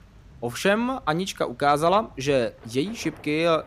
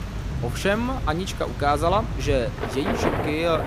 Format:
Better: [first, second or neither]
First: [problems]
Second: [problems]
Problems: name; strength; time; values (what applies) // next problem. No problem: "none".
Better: first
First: rain or running water; faint; throughout; 25 dB below the speech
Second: rain or running water; loud; throughout; 4 dB below the speech